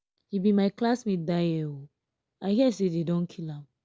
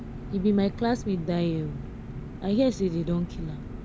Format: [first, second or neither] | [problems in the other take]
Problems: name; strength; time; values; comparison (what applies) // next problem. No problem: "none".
first | background sound (Engine); 10 dB below the speech